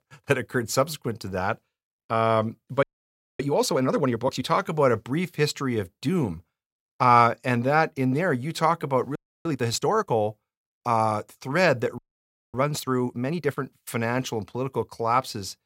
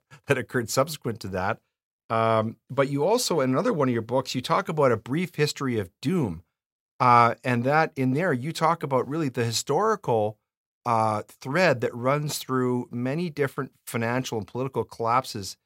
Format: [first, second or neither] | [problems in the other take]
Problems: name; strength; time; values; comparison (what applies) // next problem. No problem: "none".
second | audio freezing; at 3 s for 0.5 s, at 9 s and at 12 s for 0.5 s